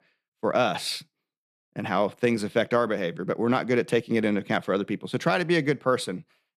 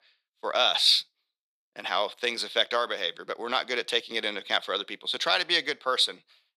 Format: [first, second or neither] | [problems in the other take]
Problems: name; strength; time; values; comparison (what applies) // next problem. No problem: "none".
first | thin; very; fading below 650 Hz